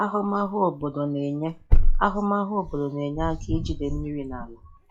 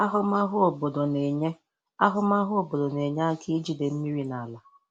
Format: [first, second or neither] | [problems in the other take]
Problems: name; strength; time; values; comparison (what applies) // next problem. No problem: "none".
second | noise reduction (classical method log-MMSE)